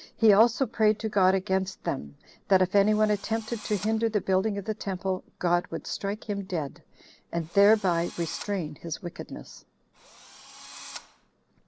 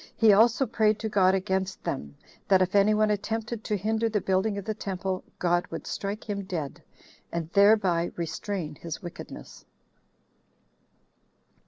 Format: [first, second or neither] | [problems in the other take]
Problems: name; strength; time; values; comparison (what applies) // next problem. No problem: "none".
second | background sound (Drill); 18 dB below the speech